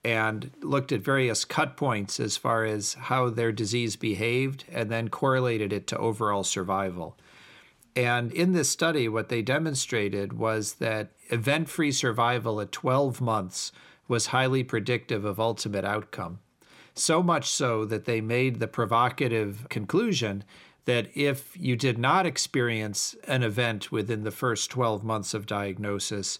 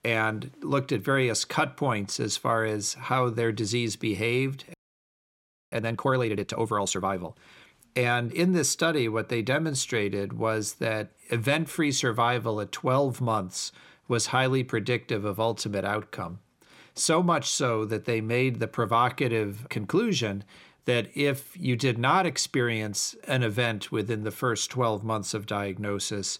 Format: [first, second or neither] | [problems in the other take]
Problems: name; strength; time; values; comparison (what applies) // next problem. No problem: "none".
first | audio freezing; at 4.5 s for 1 s